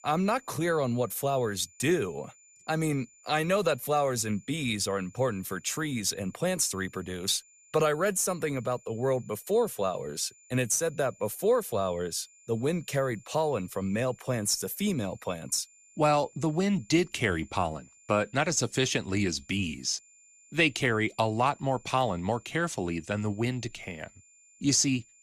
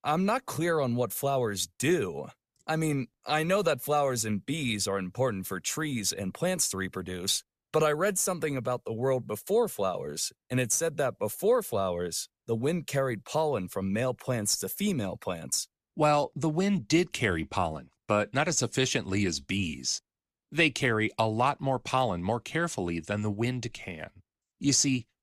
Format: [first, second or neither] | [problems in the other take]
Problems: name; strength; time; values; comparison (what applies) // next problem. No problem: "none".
second | high-pitched whine; faint; throughout; 7 kHz, 25 dB below the speech